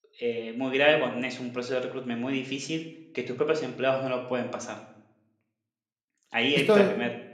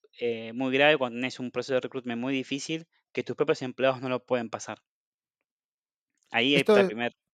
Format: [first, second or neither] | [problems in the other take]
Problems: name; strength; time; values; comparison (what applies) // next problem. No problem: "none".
second | room echo; slight; dies away in 0.6 s